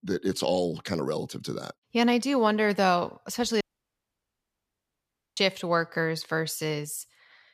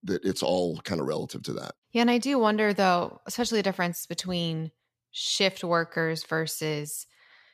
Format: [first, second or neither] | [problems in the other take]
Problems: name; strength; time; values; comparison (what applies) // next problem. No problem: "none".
second | audio cutting out; at 3.5 s for 2 s